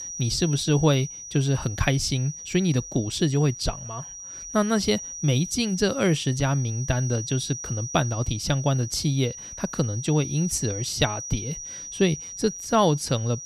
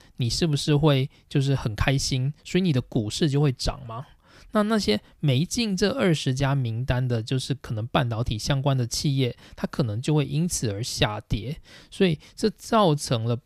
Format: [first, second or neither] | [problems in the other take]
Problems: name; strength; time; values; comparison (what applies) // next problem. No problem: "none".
second | high-pitched whine; loud; throughout; 6 kHz, 10 dB below the speech